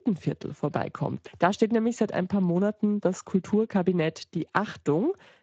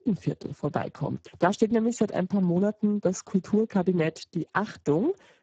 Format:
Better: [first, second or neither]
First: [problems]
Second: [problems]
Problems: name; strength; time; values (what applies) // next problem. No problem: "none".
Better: first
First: garbled, watery; slightly; nothing above 7.5 kHz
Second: garbled, watery; badly; nothing above 7.5 kHz